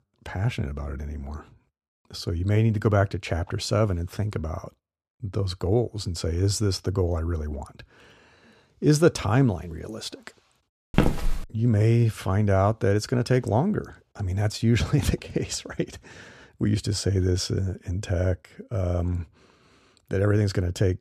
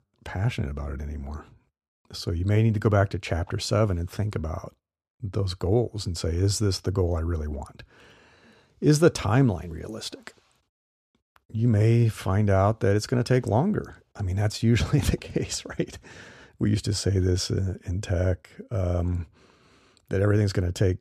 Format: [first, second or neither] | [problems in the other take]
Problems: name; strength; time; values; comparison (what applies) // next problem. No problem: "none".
second | footsteps; loud; at 11 s; peak 1 dB above the speech